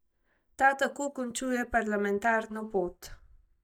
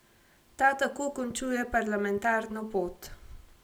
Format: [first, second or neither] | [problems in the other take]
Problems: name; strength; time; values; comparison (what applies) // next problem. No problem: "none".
second | noise reduction (neural mask model DeepFilterNet 3)